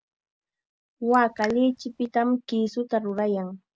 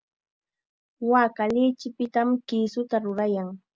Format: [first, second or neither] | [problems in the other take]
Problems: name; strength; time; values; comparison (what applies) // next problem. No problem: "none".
second | background sound (Raindrop); 17 dB below the speech